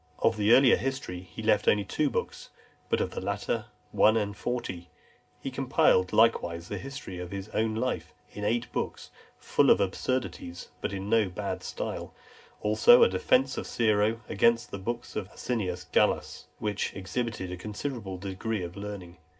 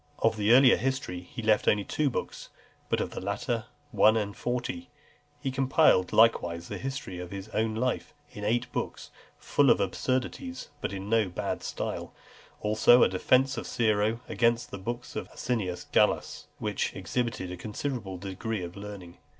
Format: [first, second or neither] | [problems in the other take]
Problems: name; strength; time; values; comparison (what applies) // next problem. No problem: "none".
second | room echo; dies away in 0.3 s